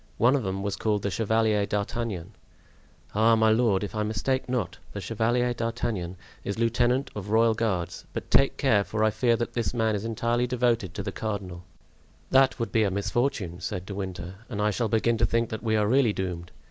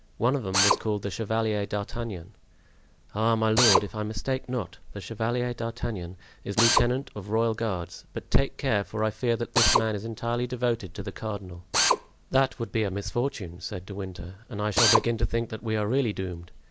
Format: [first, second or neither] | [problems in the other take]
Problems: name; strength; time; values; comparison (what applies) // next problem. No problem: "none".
first | background sound (Drill); 4 dB below the speech